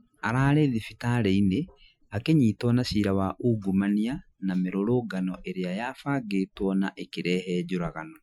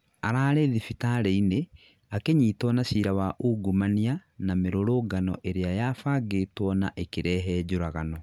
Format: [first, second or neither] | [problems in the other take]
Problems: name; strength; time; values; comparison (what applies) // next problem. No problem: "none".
second | noise reduction (classical method Wiener filter)